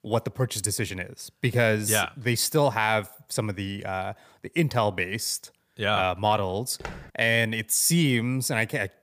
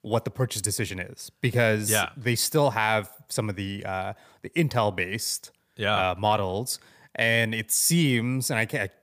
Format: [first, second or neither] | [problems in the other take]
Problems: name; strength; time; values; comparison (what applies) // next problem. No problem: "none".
second | footsteps; faint; at 7 s; peak 15 dB below the speech